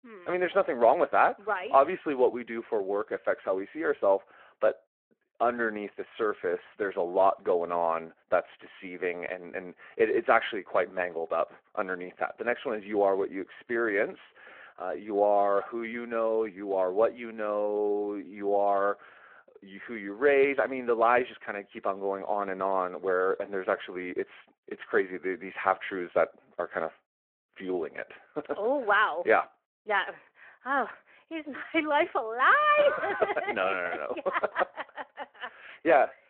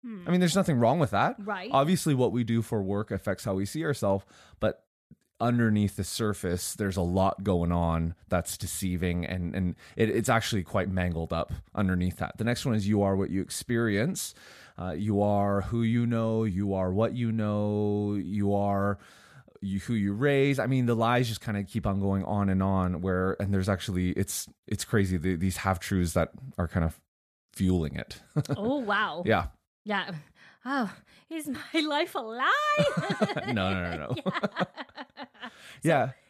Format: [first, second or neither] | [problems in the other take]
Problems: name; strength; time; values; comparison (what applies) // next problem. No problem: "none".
second | phone-call audio